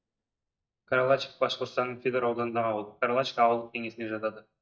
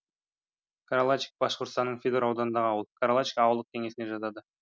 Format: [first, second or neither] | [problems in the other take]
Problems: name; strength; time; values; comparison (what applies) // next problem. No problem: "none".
second | noise reduction (neural mask model DeepFilterNet 3)